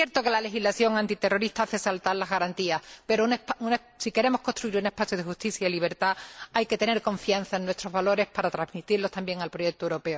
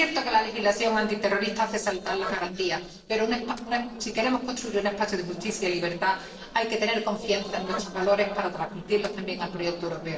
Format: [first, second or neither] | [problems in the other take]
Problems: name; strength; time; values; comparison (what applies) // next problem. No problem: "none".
first | noise reduction (neural separator model SepFormer DNS4)